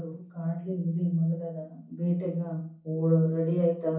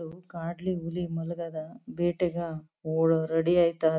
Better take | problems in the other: second | room echo; dies away in 0.6 s

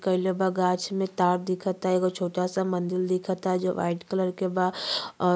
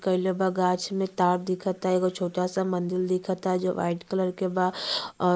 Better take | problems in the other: first | noise reduction (neural mask model Resemble Enhance denoiser)

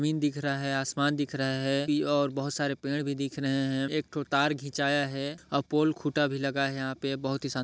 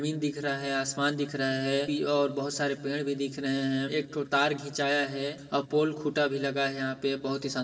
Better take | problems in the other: first | room echo; dies away in 2.1 s

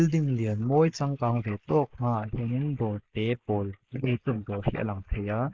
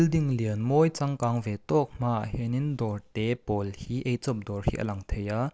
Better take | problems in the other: second | noise reduction (neural mask model Resemble Enhance denoiser)

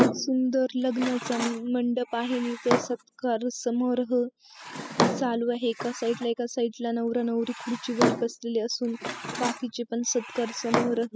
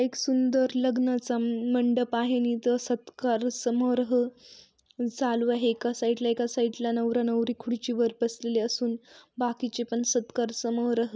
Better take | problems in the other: second | noise reduction (classical method spectral subtraction)

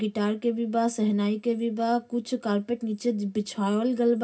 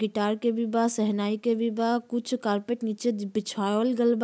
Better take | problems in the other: second | room echo; dies away in 0.4 s

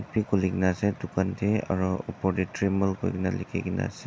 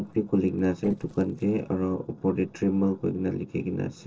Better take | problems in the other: first | noise reduction (neural separator model SepFormer DNS4)

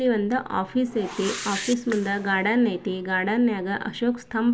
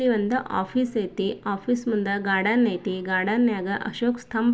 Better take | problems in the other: second | background sound (Whoosh, swoosh, swish); 14 dB below the speech

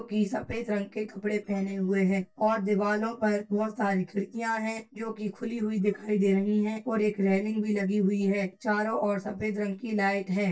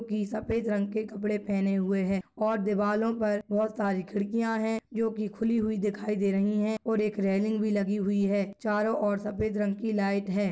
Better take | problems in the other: second | noise reduction (neural mask model DeepFilterNet 3)

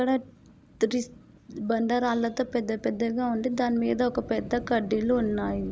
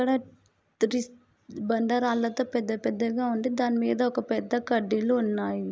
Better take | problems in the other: second | background sound (Fire); 17 dB below the speech

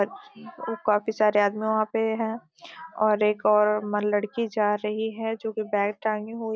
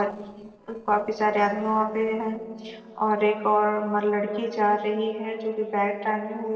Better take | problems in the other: first | noise reduction (neural separator model SepFormer DNS4)

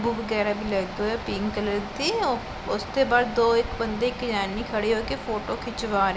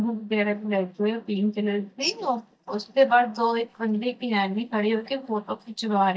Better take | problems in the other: first | noise reduction (neural mask model DeepFilterNet 3)

